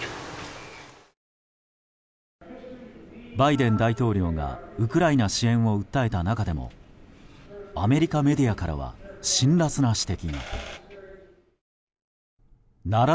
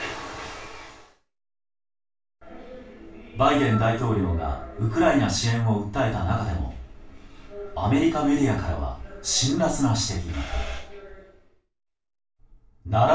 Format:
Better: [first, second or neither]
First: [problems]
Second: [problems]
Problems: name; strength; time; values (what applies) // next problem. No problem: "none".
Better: first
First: none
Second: room echo; dies away in 0.3 s